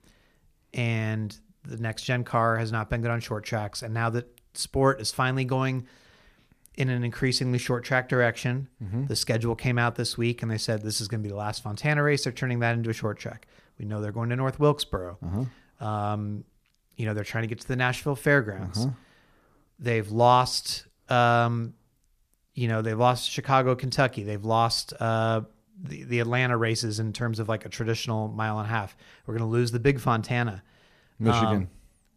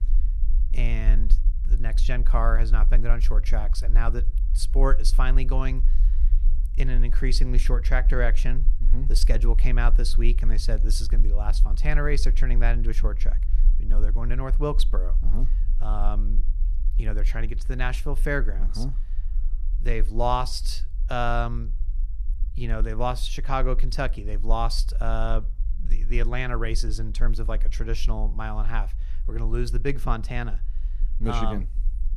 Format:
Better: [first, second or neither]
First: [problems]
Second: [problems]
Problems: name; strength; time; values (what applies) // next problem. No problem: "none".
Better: first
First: none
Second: low rumble; faint; throughout; 20 dB below the speech